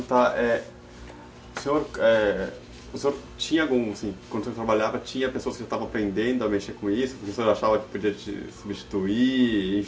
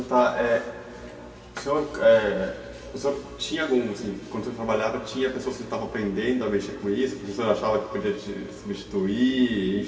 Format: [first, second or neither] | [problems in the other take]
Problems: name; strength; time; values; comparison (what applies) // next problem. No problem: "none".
first | room echo; dies away in 2.3 s